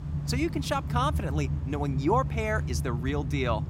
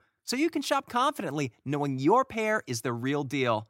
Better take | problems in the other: second | traffic noise; loud; throughout; 1 dB below the speech

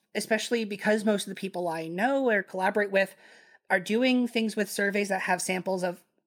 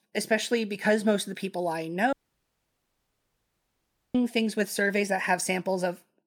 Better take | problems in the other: first | audio cutting out; at 2 s for 2 s

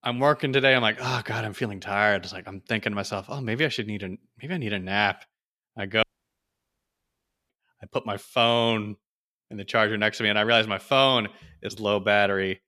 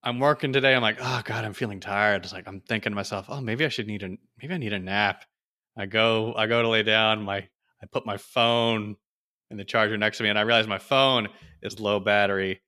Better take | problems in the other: second | audio cutting out; at 6 s for 1.5 s

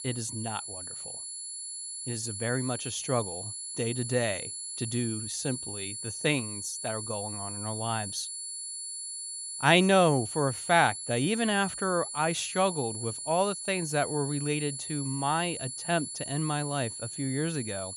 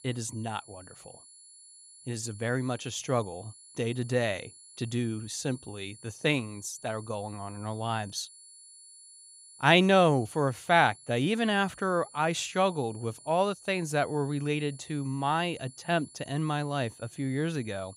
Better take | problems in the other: second | high-pitched whine; loud; throughout; 10.5 kHz, 6 dB below the speech; faint in the second

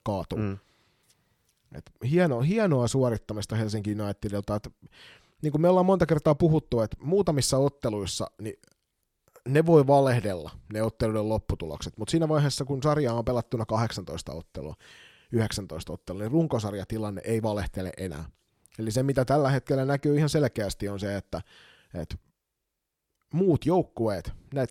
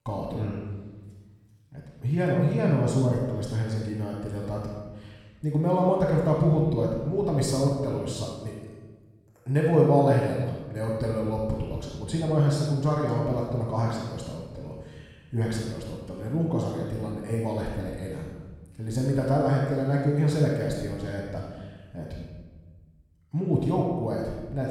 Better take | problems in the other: first | off-mic speech; far // room echo; strong; dies away in 1.2 s

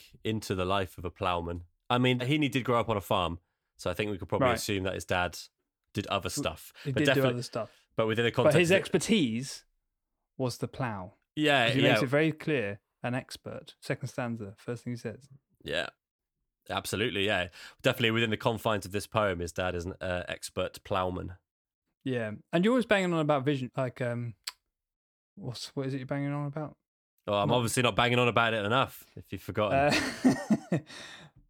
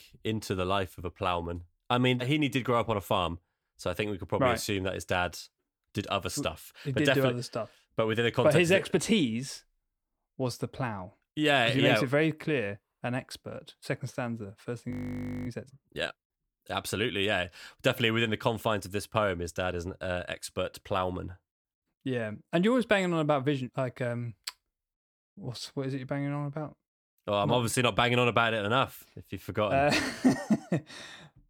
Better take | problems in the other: first | audio freezing; at 15 s for 0.5 s

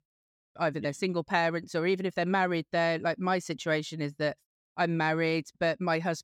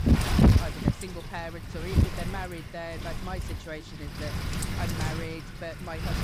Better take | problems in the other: first | wind noise on the microphone; heavy; 3 dB above the speech

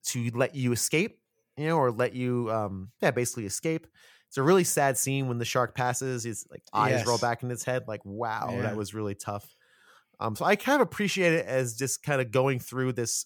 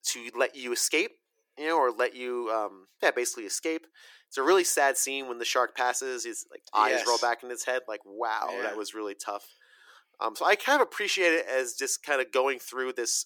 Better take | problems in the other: first | thin; very; fading below 300 Hz

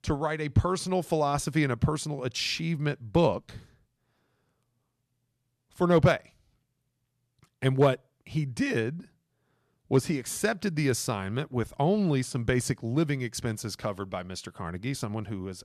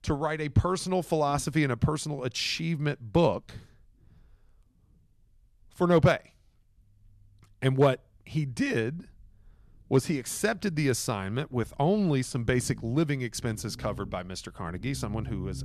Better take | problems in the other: first | low rumble; faint; throughout; 25 dB below the speech

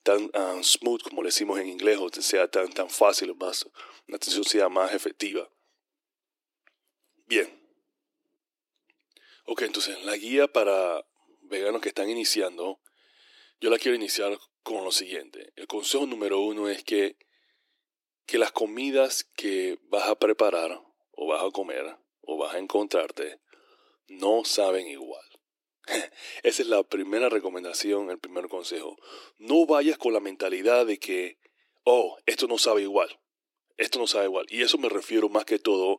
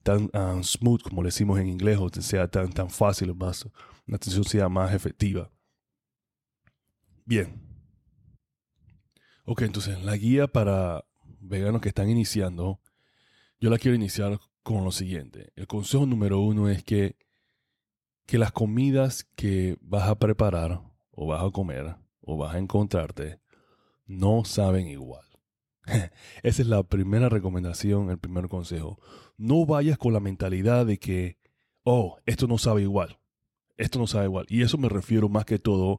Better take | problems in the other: second | thin; very; fading below 300 Hz

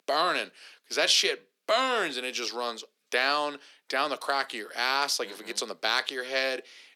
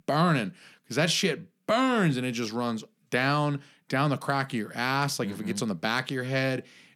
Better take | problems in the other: second | thin; very; fading below 400 Hz

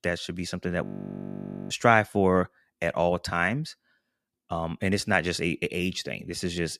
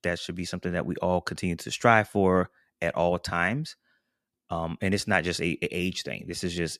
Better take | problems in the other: second | audio freezing; at 1 s for 1 s

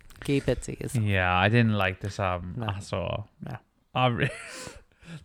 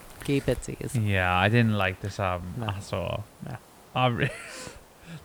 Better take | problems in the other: first | hiss; faint; throughout; 25 dB below the speech

